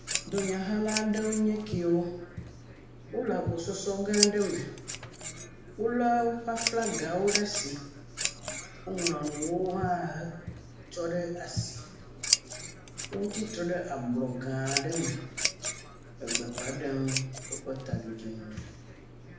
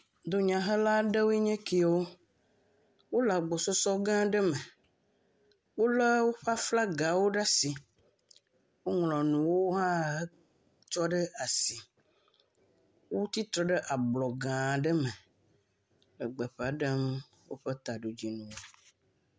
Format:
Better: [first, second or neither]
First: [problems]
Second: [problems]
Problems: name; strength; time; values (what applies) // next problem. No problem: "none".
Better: second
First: background sound (Scissors); 4 dB below the speech // room echo; dies away in 0.8 s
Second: none